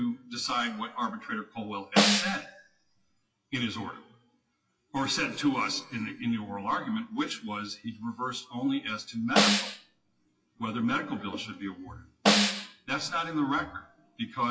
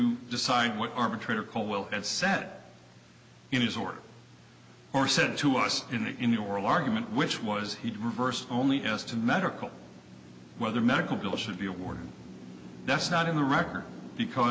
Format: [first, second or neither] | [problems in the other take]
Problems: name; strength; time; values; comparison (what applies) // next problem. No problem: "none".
second | noise reduction (classical method WPE with log-MMSE)